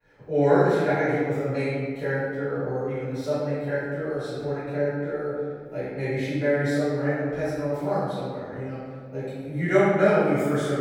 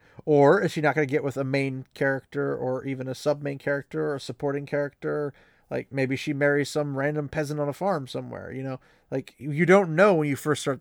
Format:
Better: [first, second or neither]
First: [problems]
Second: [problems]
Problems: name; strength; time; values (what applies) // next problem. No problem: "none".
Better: second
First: off-mic speech; far // room echo; strong; dies away in 1.6 s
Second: none